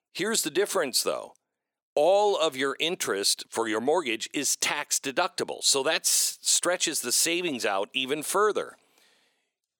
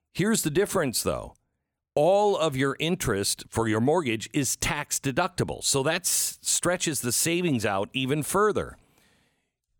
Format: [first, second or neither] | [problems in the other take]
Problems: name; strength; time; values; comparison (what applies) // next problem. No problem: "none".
second | thin; somewhat; fading below 400 Hz